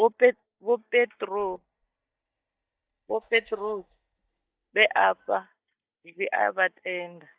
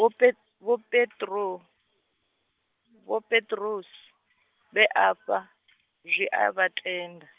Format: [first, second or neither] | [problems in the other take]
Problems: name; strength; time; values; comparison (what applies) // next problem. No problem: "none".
second | noise reduction (neural mask model DeepFilterNet 3)